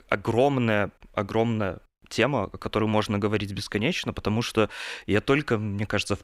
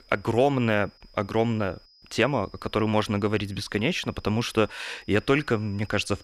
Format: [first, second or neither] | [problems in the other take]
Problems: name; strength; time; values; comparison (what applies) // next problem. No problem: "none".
first | high-pitched whine; faint; throughout; 5 kHz, 30 dB below the speech